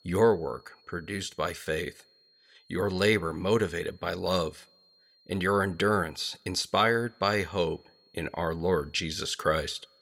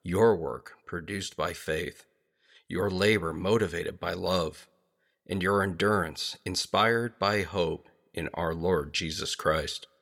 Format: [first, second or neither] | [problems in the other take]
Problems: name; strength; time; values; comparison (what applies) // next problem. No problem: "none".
second | high-pitched whine; faint; throughout; 4 kHz, 30 dB below the speech